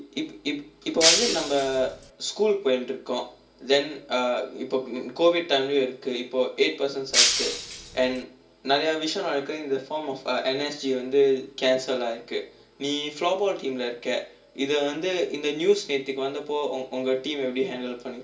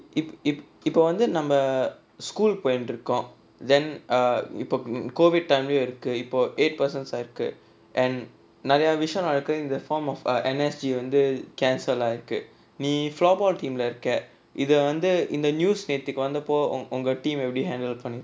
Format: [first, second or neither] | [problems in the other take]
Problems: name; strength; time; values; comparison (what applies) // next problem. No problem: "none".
second | background sound (Shatter); 2 dB above the speech // room echo; dies away in 0.3 s